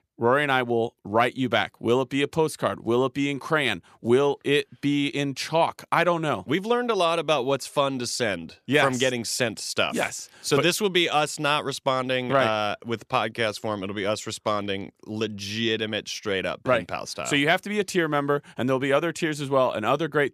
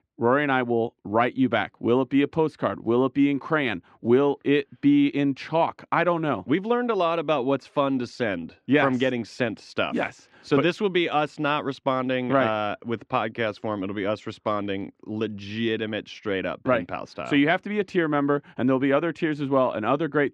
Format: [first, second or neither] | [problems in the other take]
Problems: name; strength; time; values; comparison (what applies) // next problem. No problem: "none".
first | muffled; slightly; fading above 2.5 kHz